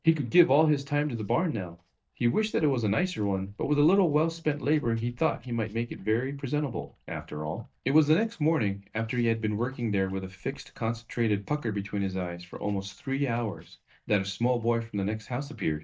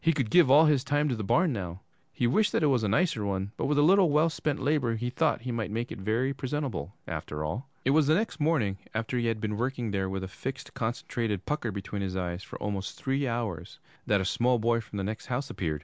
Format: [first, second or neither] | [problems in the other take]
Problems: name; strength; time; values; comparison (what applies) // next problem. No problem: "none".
second | noise reduction (neural mask model DeepFilterNet 3)